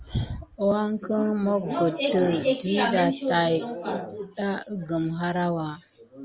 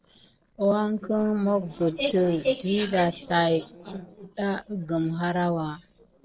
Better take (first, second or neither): first